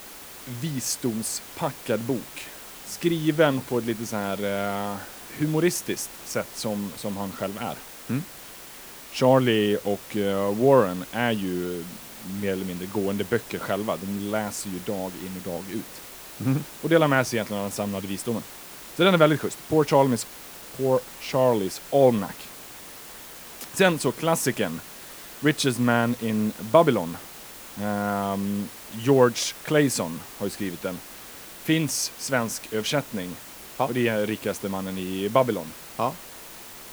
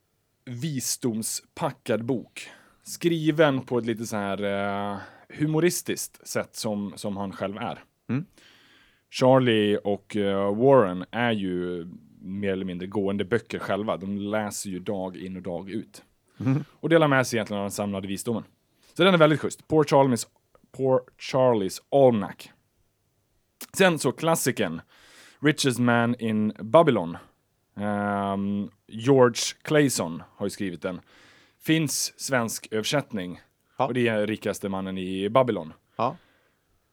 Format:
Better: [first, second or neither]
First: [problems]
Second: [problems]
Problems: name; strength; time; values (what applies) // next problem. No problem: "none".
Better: second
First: hiss; noticeable; throughout; 15 dB below the speech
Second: none